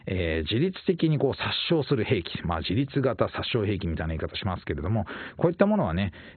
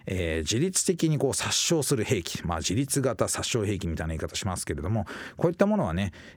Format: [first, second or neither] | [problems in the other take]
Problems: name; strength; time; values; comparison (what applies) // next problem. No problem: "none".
second | garbled, watery; badly; nothing above 4 kHz